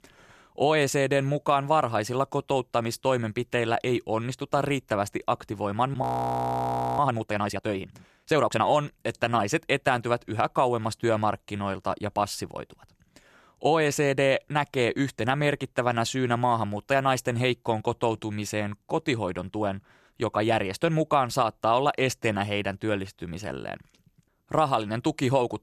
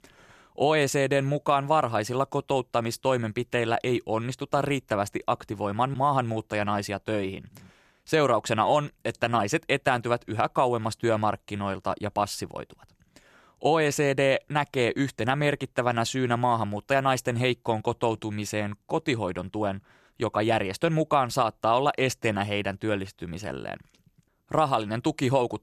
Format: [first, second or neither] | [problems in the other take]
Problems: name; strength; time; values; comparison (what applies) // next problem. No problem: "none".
second | audio freezing; at 6 s for 1 s